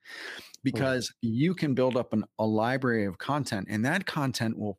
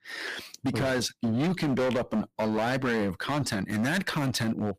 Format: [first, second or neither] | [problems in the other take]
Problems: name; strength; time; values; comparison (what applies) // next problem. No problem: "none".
first | distortion; heavy; 19% of the sound clipped